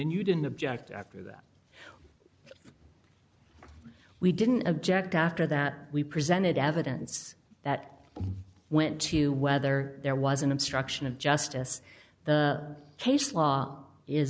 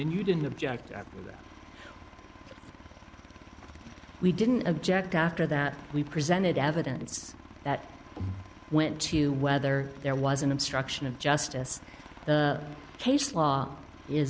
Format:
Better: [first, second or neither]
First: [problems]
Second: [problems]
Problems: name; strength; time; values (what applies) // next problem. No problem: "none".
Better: first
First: none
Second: background sound (Aircraft); 19 dB below the speech